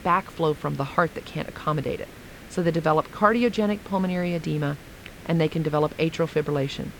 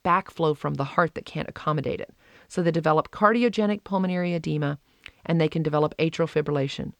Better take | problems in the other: second | hiss; noticeable; throughout; 20 dB below the speech

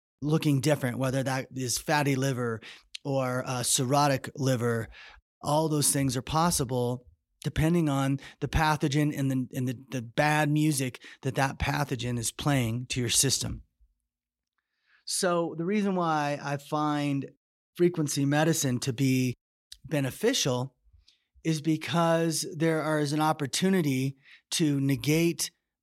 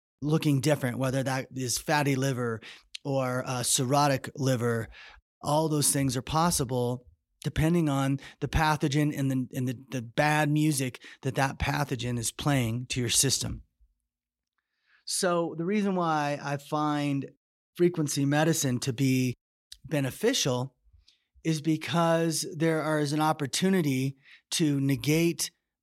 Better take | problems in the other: neither | none

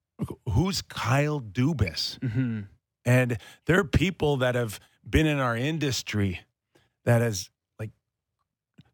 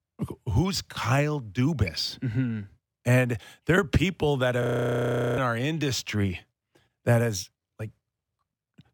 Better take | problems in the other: first | audio freezing; at 4.5 s for 1 s

